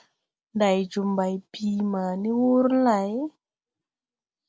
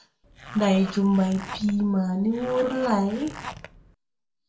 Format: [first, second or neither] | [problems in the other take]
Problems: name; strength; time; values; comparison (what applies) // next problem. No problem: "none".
first | background sound (Zipper (clothing)); 15 dB below the speech // room echo; dies away in 0.3 s